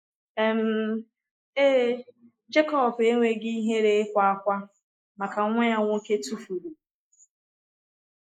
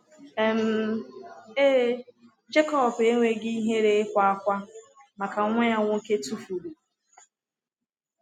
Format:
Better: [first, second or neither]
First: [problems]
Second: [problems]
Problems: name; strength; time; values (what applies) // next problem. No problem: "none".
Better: second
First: noise reduction (neural mask model Resemble Enhance denoiser)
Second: none